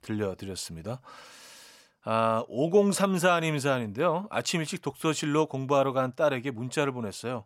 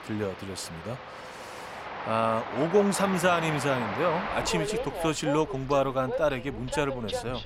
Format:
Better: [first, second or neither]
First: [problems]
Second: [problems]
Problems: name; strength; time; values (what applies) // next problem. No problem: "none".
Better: first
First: none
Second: train or aircraft noise; loud; throughout; 7 dB below the speech